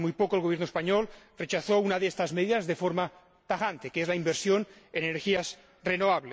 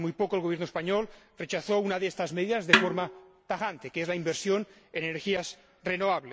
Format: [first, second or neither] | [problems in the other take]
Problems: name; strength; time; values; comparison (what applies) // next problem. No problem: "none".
first | background sound (Snare drum); 1 dB above the speech